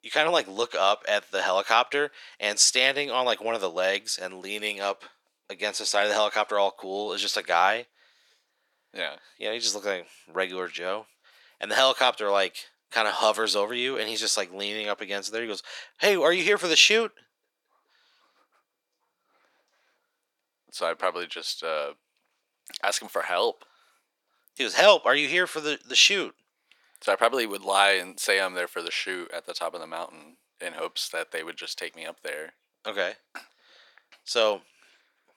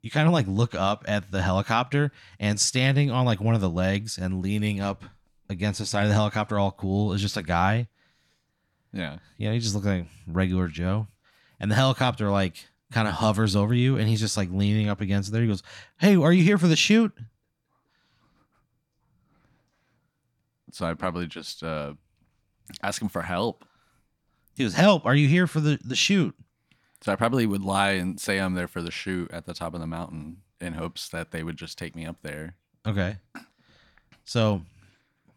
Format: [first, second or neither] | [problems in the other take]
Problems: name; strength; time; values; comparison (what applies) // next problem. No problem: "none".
second | thin; very; fading below 450 Hz